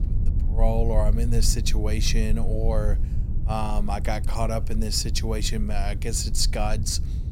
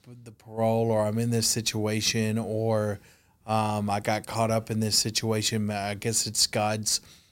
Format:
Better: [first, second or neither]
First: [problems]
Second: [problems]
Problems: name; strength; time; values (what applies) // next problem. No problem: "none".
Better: second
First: low rumble; noticeable; throughout; 15 dB below the speech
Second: none